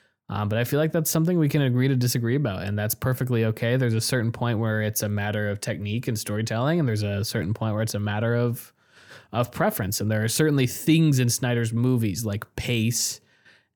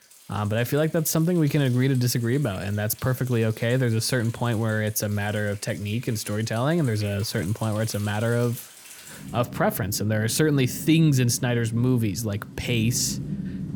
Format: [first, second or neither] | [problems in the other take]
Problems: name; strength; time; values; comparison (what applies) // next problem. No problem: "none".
first | rain or running water; noticeable; throughout; 15 dB below the speech